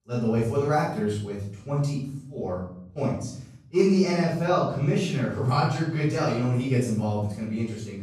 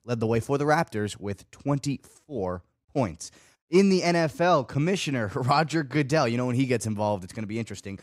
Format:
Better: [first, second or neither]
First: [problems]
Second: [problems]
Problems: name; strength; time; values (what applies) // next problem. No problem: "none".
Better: second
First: off-mic speech; far // room echo; noticeable; dies away in 0.8 s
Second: none